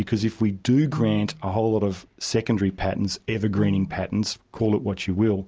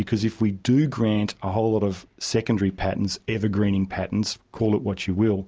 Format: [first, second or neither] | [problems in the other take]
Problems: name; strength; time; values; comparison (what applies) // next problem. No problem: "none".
second | background sound (Piano); 10 dB below the speech